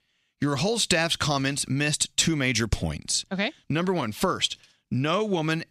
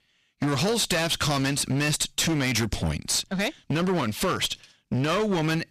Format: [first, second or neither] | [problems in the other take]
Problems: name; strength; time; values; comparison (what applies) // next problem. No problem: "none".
first | distortion; heavy; 22% of the sound clipped